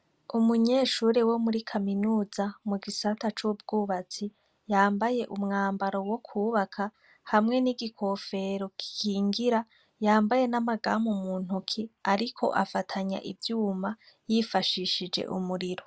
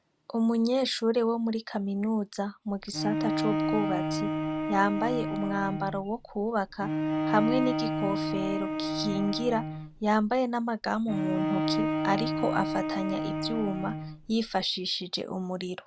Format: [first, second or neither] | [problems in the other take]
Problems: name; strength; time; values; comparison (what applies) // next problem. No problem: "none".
first | background sound (Bowed string instrument); 1 dB below the speech